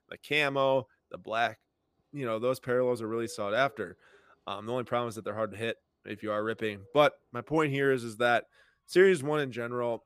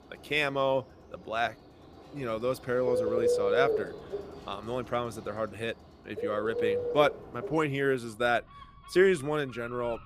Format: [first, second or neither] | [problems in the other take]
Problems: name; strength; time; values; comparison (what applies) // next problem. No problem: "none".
first | animal sounds; loud; throughout; 2 dB below the speech; faint in the first